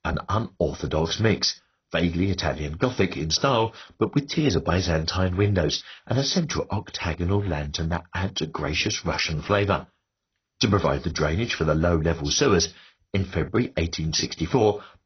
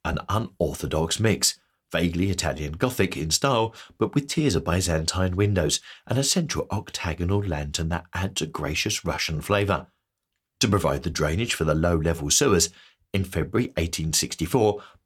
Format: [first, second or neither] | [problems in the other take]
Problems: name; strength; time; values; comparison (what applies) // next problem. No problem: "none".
second | garbled, watery; badly; nothing above 6 kHz